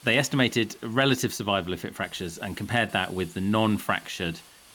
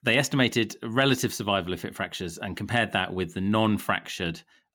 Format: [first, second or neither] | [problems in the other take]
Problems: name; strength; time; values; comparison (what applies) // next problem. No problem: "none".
second | hiss; faint; throughout; 25 dB below the speech